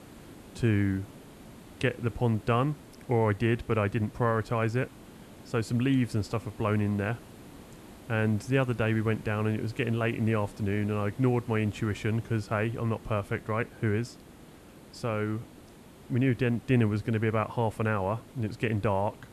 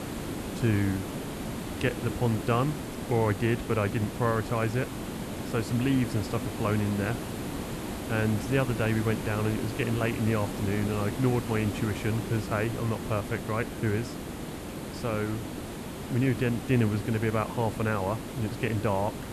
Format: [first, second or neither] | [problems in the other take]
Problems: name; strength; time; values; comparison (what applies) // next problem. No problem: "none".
first | hiss; loud; throughout; 7 dB below the speech; faint in the first